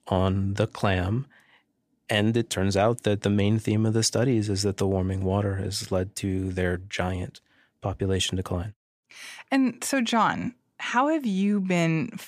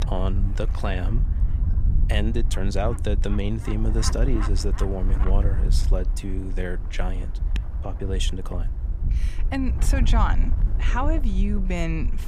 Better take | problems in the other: first | wind noise on the microphone; occasional gusts; 10 dB below the speech

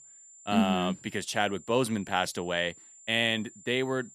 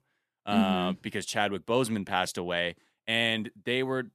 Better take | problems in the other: second | high-pitched whine; faint; throughout; 7 kHz, 20 dB below the speech

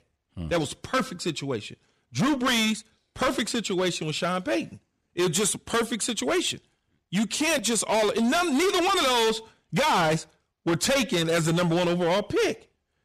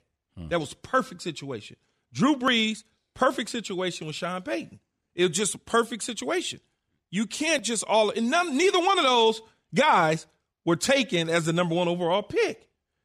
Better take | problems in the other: second | distortion; heavy; 17% of the sound clipped

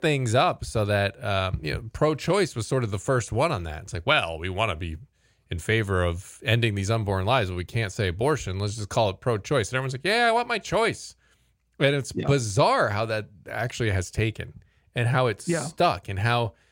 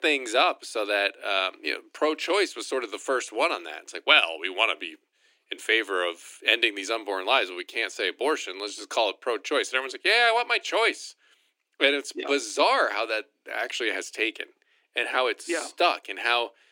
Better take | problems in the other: first | thin; very; fading below 300 Hz

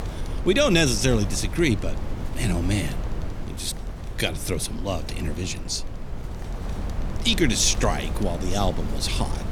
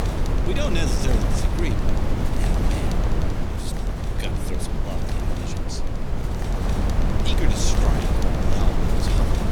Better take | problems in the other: first | wind noise on the microphone; heavy; 3 dB above the speech; occasional gusts in the first

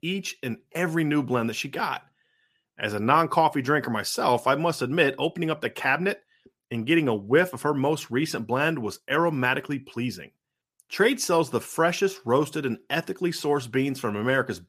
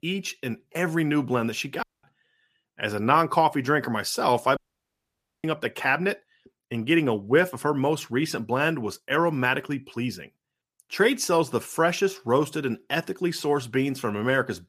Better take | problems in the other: first | audio cutting out; at 2 s and at 4.5 s for 1 s

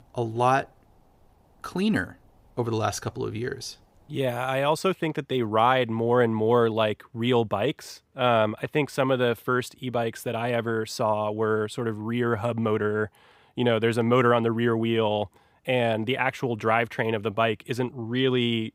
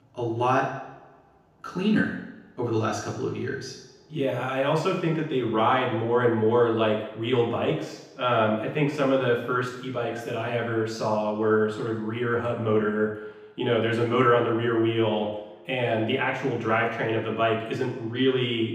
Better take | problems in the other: first | room echo; noticeable; dies away in 0.9 s // off-mic speech; far

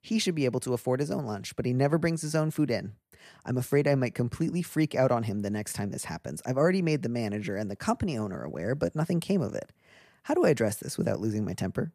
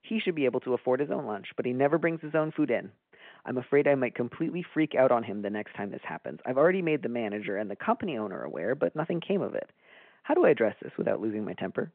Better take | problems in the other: first | phone-call audio

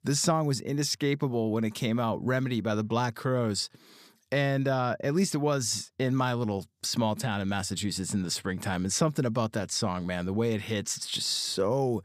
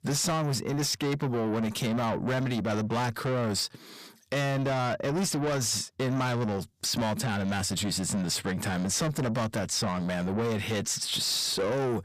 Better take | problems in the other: first | distortion; heavy; 7 dB below the speech

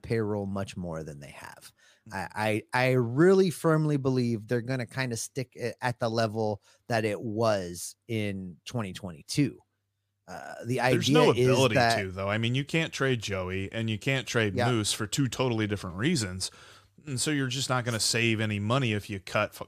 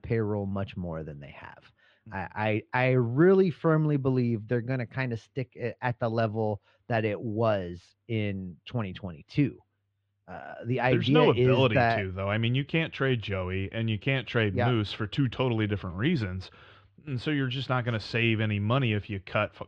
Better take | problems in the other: first | muffled; very; fading above 3 kHz

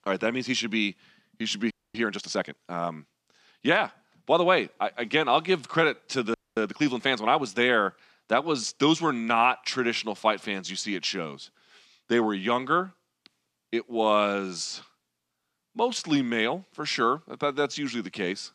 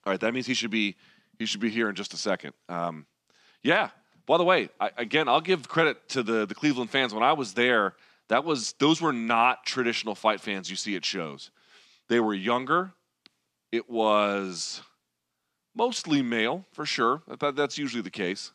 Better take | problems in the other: second | audio freezing; at 1.5 s and at 6.5 s

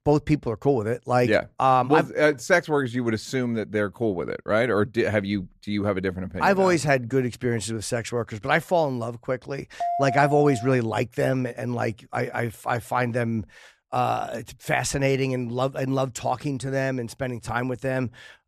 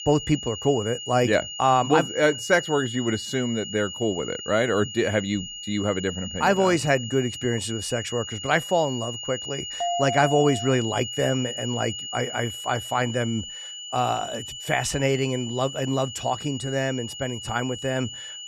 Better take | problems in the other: first | high-pitched whine; loud; throughout; 3 kHz, 8 dB below the speech

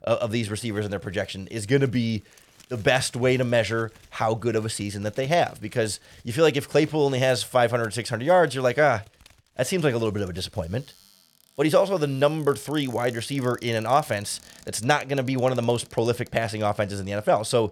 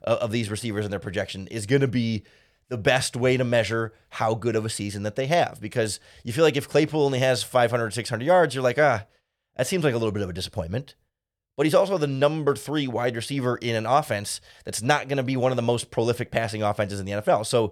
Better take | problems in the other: second | household noises; faint; throughout; 25 dB below the speech

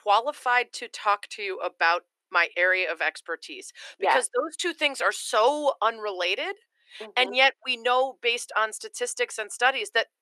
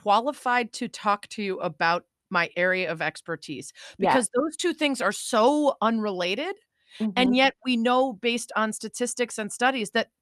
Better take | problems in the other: second | thin; very; fading below 350 Hz

